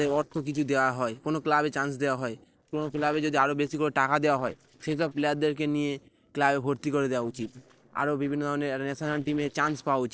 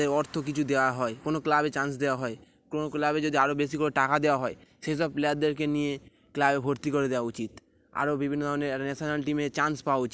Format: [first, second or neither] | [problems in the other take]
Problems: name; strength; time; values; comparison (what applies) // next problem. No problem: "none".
second | noise reduction (neural separator model SepFormer DNS4)